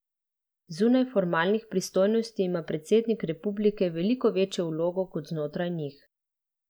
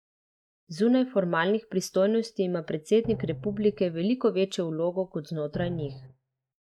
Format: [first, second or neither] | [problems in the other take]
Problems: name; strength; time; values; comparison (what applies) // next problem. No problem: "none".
first | noise reduction (neural mask model RNNoise)